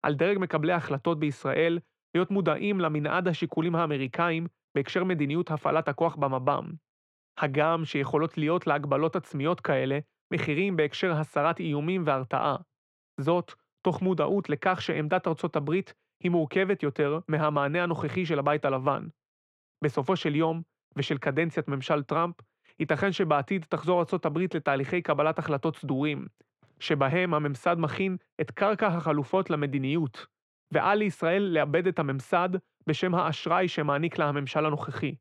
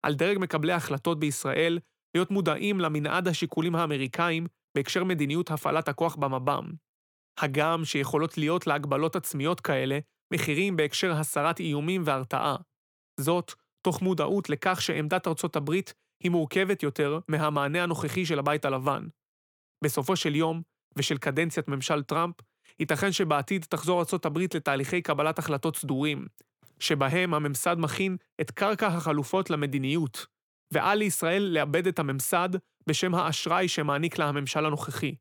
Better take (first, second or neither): second